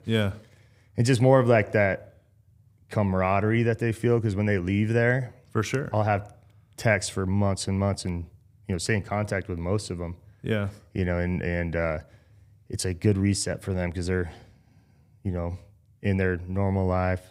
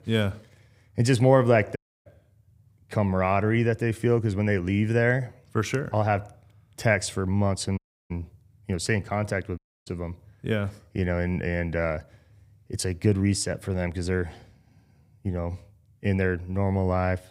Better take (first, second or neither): first